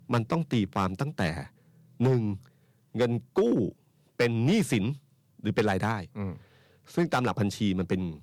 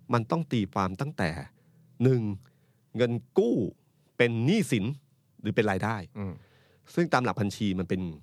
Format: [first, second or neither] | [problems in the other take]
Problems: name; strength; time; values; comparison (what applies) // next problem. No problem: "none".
second | distortion; slight; 2% of the sound clipped